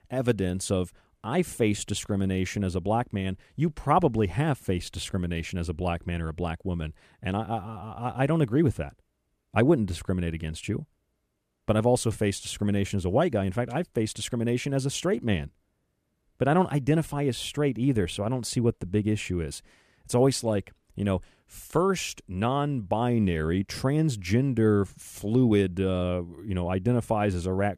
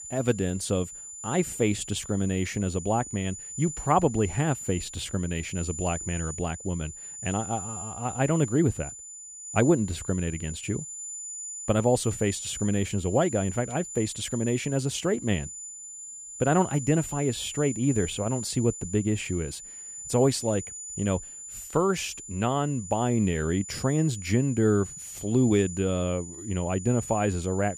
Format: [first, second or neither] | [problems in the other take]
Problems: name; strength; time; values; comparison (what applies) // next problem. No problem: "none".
first | high-pitched whine; loud; throughout; 7 kHz, 10 dB below the speech